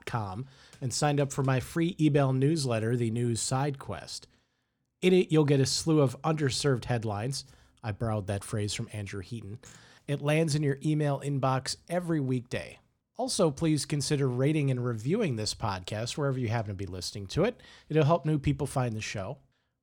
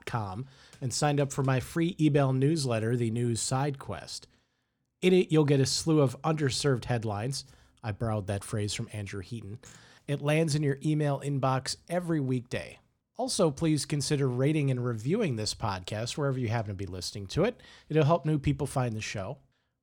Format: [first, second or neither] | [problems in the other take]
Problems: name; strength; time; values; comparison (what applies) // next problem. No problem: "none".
neither | none